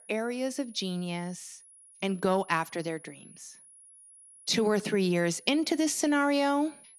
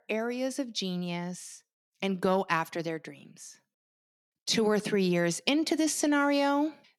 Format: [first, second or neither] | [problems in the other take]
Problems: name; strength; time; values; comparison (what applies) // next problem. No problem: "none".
second | high-pitched whine; faint; throughout; 10.5 kHz, 25 dB below the speech